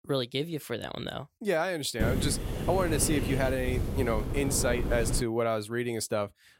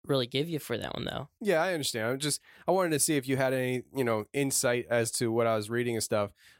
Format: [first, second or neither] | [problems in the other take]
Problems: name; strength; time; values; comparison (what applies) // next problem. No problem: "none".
second | wind noise on the microphone; heavy; from 2 to 5 s; 7 dB below the speech